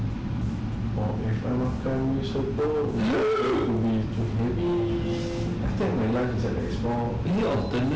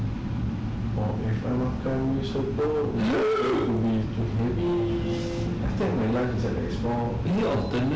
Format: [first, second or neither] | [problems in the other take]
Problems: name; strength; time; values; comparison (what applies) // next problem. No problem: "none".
second | background sound (Bass guitar); 20 dB below the speech